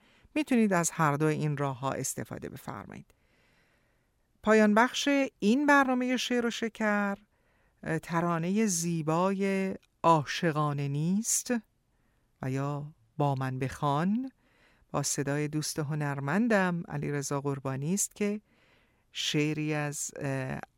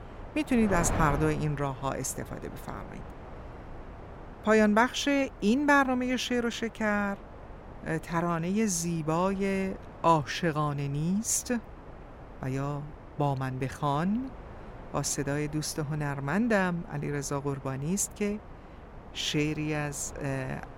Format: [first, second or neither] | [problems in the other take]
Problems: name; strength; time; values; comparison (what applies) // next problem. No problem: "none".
first | wind noise on the microphone; occasional gusts; 15 dB below the speech